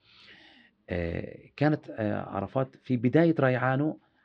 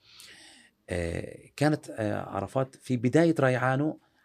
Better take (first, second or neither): second